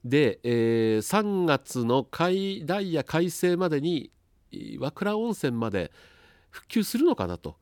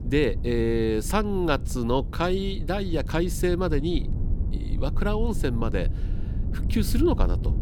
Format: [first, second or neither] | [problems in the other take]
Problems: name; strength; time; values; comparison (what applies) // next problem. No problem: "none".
first | low rumble; noticeable; throughout; 15 dB below the speech